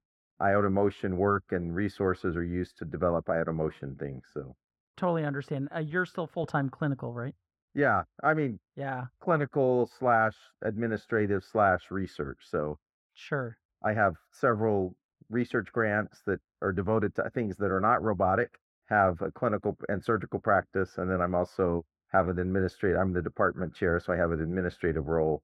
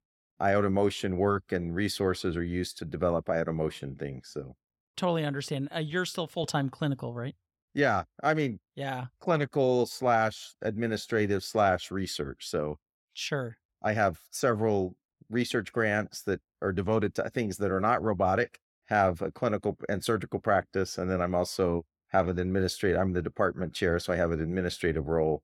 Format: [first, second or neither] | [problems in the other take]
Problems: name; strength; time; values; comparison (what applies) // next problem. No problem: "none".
second | muffled; very; fading above 2.5 kHz